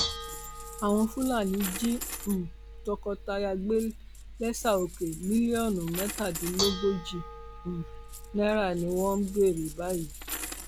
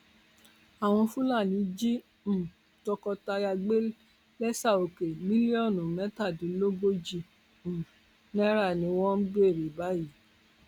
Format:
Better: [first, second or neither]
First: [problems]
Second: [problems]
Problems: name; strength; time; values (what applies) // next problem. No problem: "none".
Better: second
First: background sound (Dishes, pots, and pans / Bell + Coin (dropping)); 9 dB below the speech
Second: none